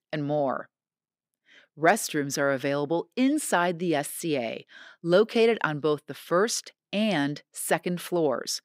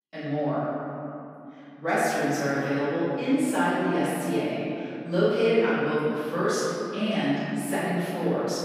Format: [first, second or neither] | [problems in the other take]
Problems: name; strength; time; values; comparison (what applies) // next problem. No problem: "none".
first | room echo; strong; dies away in 2.8 s // off-mic speech; far